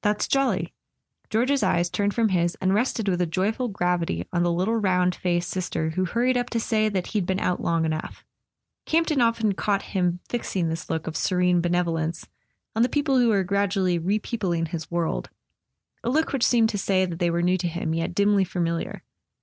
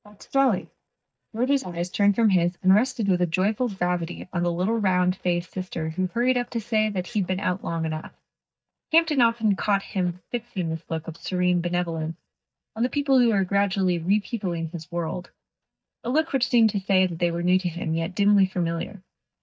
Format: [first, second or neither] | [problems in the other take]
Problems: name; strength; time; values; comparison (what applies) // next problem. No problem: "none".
first | noise reduction (neural mask model DeepFilterNet 3)